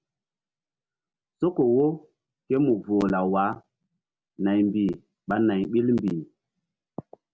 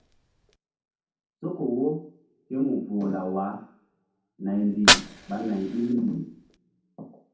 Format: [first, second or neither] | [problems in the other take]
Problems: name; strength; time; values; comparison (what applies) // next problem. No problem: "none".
first | background sound (Fire); 1 dB below the speech // room echo; dies away in 0.6 s